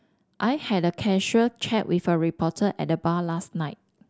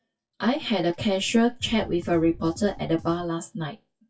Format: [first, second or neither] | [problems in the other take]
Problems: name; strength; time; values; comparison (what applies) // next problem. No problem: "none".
first | noise reduction (classical method WPE with log-MMSE)